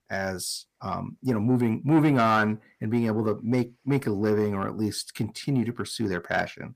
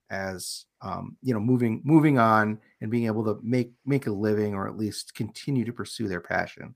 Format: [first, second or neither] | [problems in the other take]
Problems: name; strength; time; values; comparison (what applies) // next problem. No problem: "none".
second | distortion; slight; 10 dB below the speech